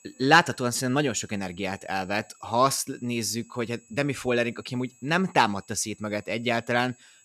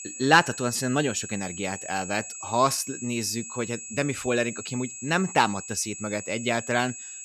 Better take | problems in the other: first | high-pitched whine; loud; throughout; 7.5 kHz, 10 dB below the speech; faint in the first

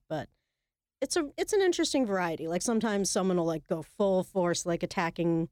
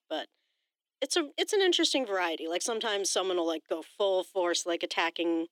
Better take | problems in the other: first | thin; somewhat; fading below 300 Hz

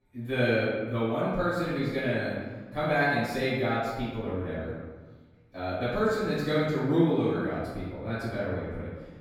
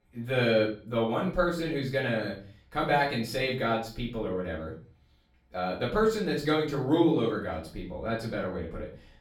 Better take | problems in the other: second | room echo; strong; dies away in 1.3 s; slight in the second // off-mic speech; far; far in the second

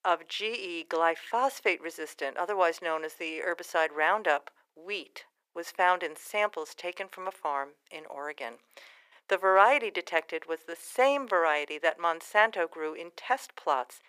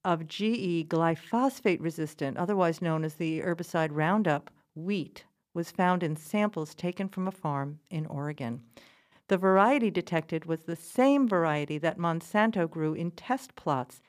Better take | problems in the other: second | thin; very; fading below 450 Hz

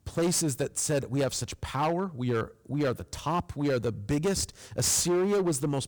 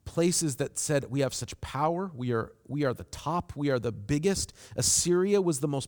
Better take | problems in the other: second | distortion; slight; 12% of the sound clipped

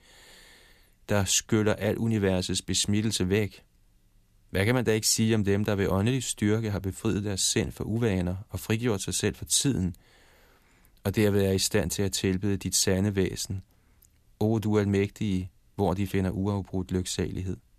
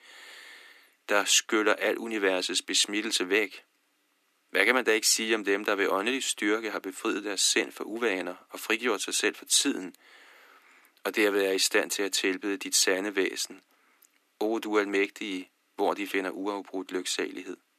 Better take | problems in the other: first | thin; somewhat; fading below 300 Hz

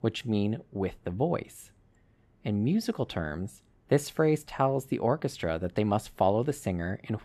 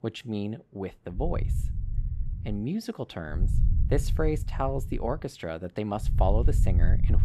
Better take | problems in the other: first | low rumble; noticeable; from 1 to 2.5 s, from 3.5 to 5 s and from 6 s on; 15 dB below the speech

